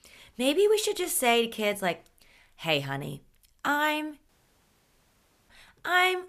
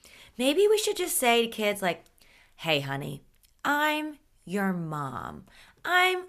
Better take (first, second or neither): second